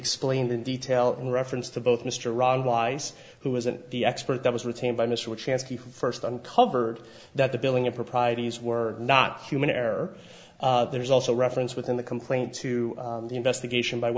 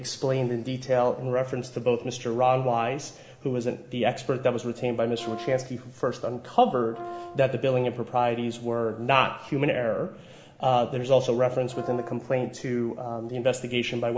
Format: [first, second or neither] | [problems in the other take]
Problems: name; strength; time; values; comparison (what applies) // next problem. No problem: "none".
first | background sound (Brass instrument); 15 dB below the speech // room echo; dies away in 2.5 s